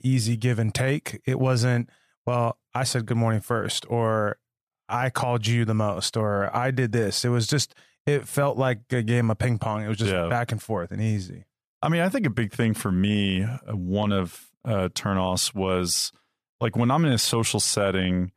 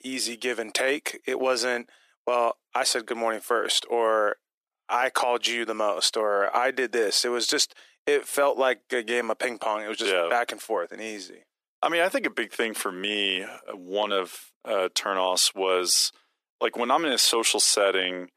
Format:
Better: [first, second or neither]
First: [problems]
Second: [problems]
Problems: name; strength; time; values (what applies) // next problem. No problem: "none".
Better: first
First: none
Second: thin; very; fading below 300 Hz